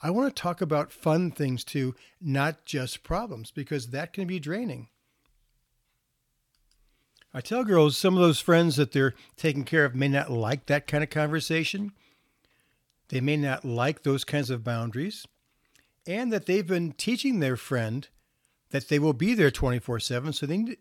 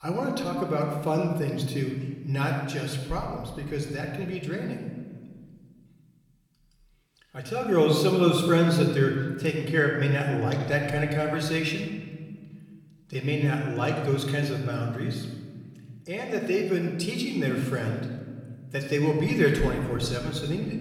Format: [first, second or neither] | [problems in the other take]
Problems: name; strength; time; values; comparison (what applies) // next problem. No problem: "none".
first | room echo; noticeable; dies away in 1.4 s // off-mic speech; somewhat distant